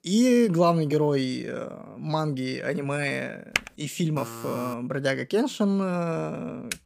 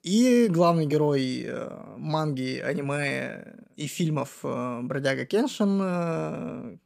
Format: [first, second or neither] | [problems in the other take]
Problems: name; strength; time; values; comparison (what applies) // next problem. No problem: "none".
second | keyboard typing; very faint; at 3.5 s and at 6.5 s; peak 3 dB below the speech // alarm; faint; at 4 s; peak 10 dB below the speech